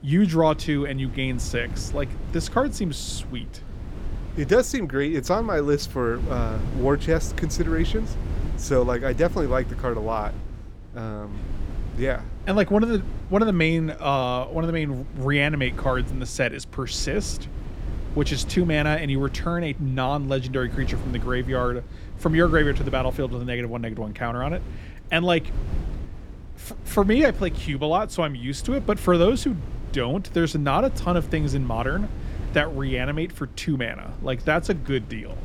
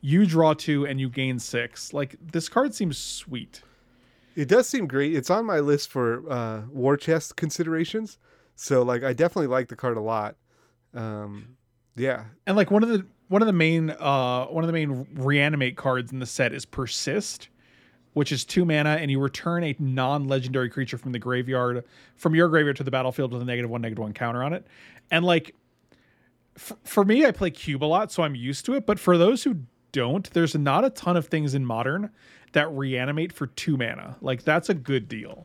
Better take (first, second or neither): second